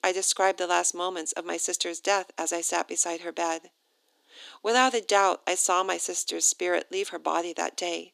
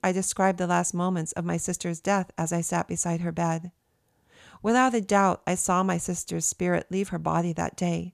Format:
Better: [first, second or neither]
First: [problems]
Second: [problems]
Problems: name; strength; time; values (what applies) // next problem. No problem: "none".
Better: second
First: thin; very; fading below 300 Hz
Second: none